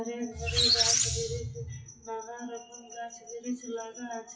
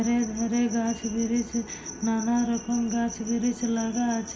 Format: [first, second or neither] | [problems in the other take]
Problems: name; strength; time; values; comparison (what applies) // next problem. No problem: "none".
second | noise reduction (classical method WPE with log-MMSE)